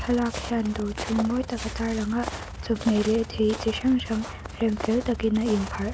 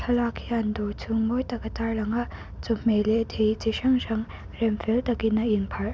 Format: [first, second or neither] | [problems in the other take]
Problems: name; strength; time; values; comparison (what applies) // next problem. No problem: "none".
second | background sound (Walk, footsteps); 13 dB below the speech